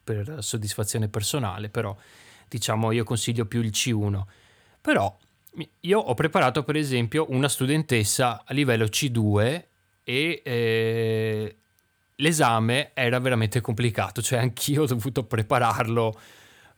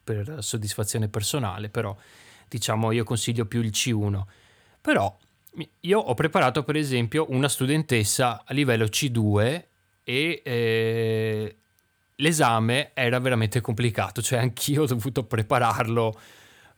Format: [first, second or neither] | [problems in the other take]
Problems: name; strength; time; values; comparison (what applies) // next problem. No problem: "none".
neither | none